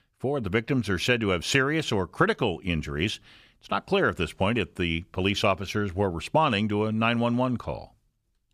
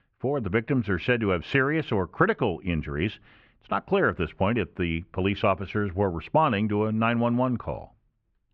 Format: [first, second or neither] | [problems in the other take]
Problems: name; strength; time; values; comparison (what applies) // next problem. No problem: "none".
first | muffled; very; fading above 2.5 kHz